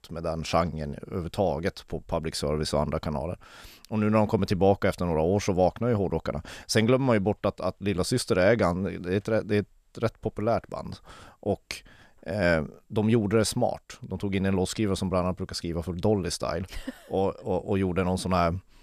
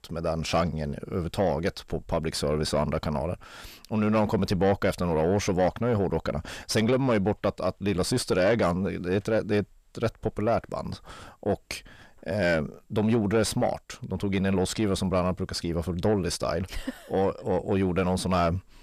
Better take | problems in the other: first | distortion; slight; 10 dB below the speech

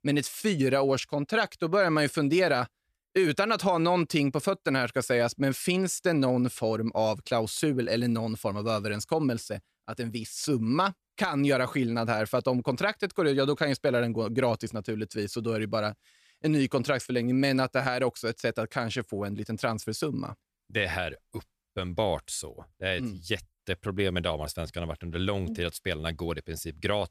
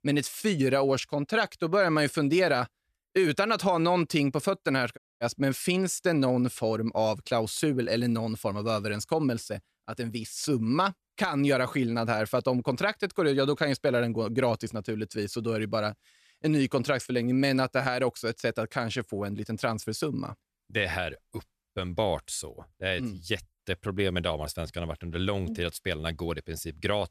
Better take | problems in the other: first | audio cutting out; at 5 s

